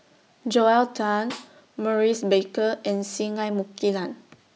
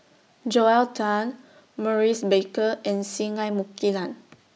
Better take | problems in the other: second | background sound (Snare drum); 20 dB below the speech

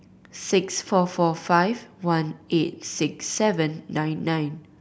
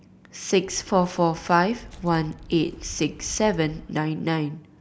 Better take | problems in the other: first | background sound (Walk, footsteps); 18 dB below the speech

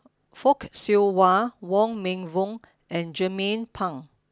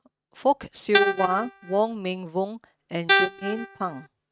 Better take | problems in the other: first | noise reduction (neural mask model RNNoise)

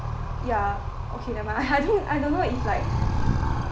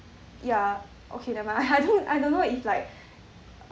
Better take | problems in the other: second | background sound (Animal); 1 dB above the speech

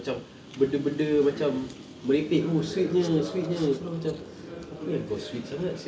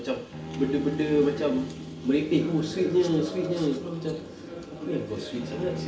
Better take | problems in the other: first | background sound (Bowed string instrument); 13 dB below the speech // room echo; dies away in 1.6 s

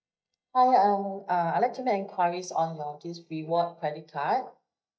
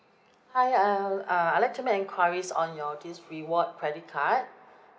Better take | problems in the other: second | noise reduction (neural mask model DeepFilterNet 3)

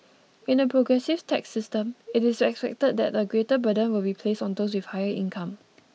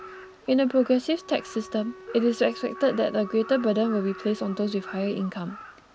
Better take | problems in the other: first | background sound (Wind instrument, woodwind instrument + Crow); 17 dB below the speech

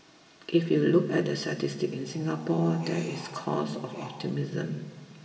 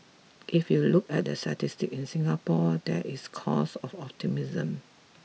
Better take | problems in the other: second | background sound (Wind); 19 dB below the speech // room echo; dies away in 1.7 s

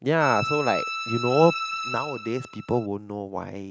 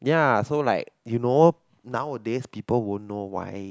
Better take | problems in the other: second | background sound (Bowed string instrument); 6 dB below the speech

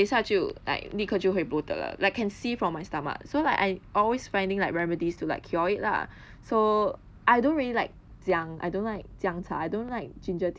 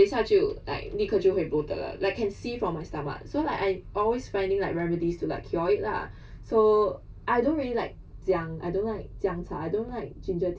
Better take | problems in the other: first | room echo; dies away in 0.2 s

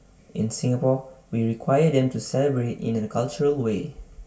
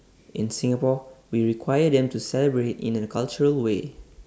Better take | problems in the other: second | room echo; dies away in 0.2 s

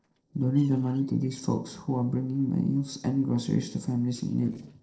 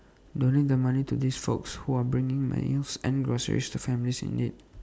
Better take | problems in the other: second | noise reduction (neural separator model SepFormer DNS4)

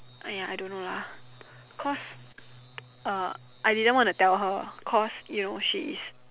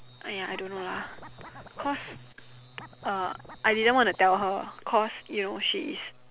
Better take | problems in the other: first | background sound (Scratching (performance technique)); 18 dB below the speech

